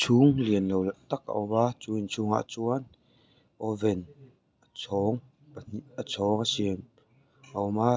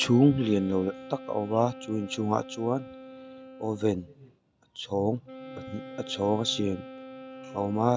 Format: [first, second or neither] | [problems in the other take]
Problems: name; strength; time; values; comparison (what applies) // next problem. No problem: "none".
first | background sound (Wind instrument, woodwind instrument); 15 dB below the speech